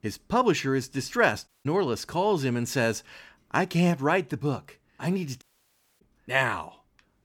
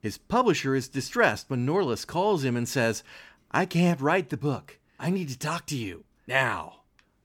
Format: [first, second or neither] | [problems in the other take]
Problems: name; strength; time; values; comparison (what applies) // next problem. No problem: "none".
second | audio cutting out; at 1.5 s and at 5.5 s for 0.5 s